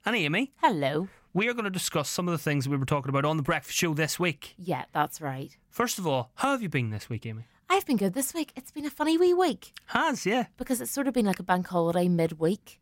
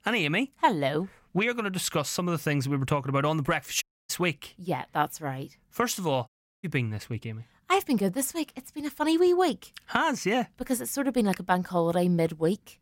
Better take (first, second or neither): first